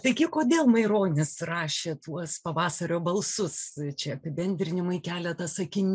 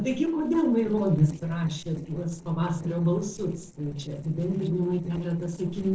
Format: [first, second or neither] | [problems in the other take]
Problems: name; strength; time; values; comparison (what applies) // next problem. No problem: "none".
first | noise reduction (neural separator model SepFormer DNS4)